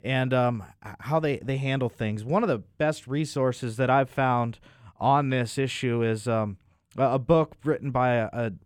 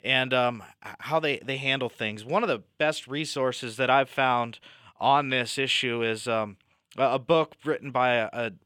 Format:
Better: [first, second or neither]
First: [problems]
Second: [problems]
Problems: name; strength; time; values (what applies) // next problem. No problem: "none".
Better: first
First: none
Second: thin; very slightly; fading below 900 Hz